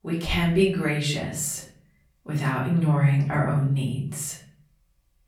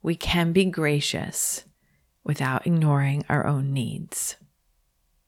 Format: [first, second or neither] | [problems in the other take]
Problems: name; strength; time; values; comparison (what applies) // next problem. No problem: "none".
second | off-mic speech; far // room echo; slight; dies away in 0.5 s